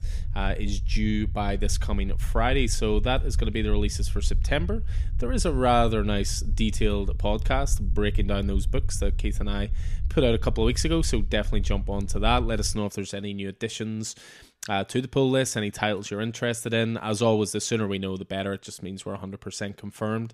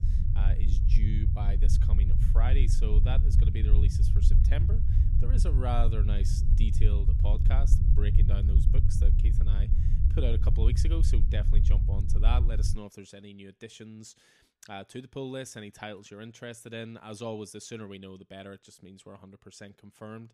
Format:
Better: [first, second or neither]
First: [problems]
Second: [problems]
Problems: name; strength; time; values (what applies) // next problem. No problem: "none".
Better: first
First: low rumble; faint; until 13 s; 20 dB below the speech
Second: low rumble; loud; until 13 s; 3 dB below the speech